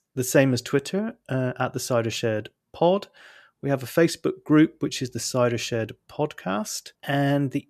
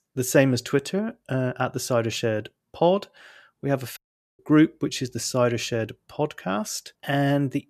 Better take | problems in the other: first | audio cutting out; at 4 s

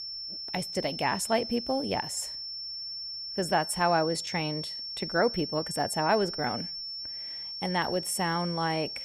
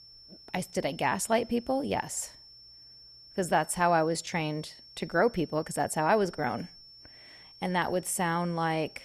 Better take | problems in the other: second | high-pitched whine; loud; throughout; 5.5 kHz, 5 dB below the speech; faint in the second

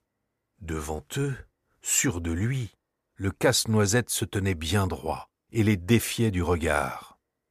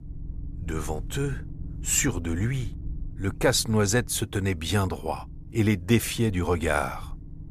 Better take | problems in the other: first | low rumble; faint; throughout; 25 dB below the speech

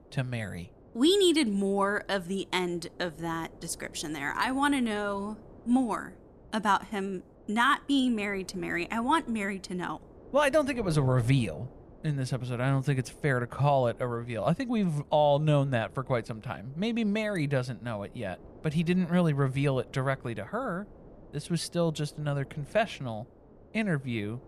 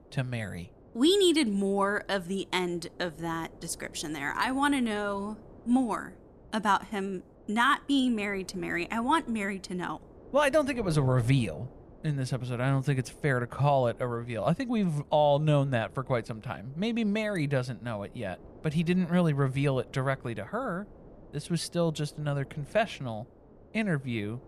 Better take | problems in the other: neither | wind noise on the microphone; occasional gusts; 25 dB below the speech; the same in both

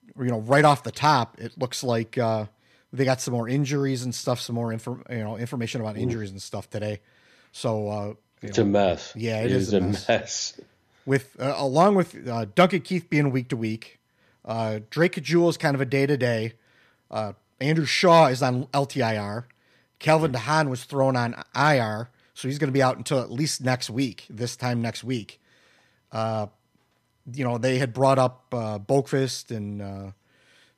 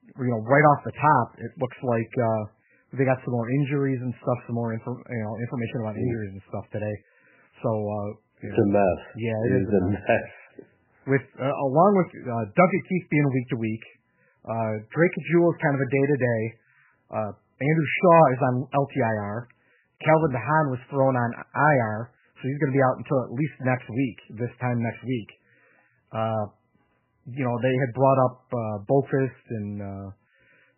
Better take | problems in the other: first | garbled, watery; badly; nothing above 2.5 kHz

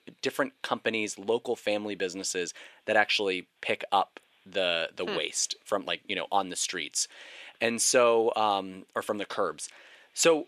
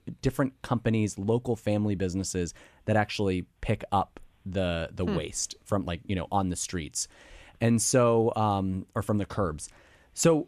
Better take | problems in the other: second | thin; somewhat; fading below 450 Hz

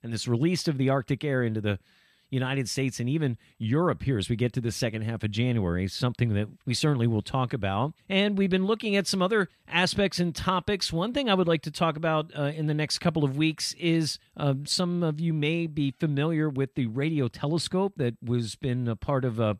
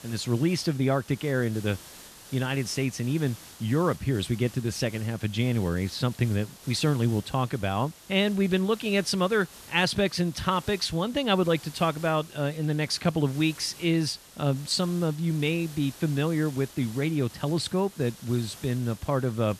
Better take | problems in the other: first | hiss; noticeable; throughout; 20 dB below the speech

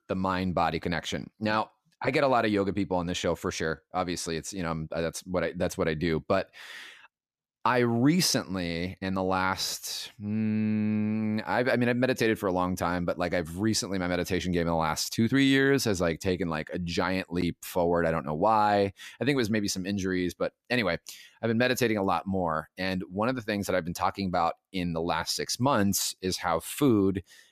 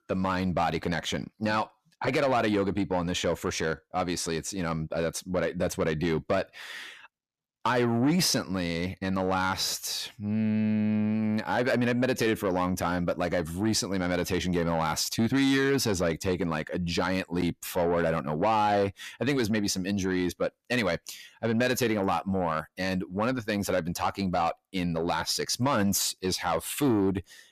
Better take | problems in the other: first | distortion; slight; 10 dB below the speech

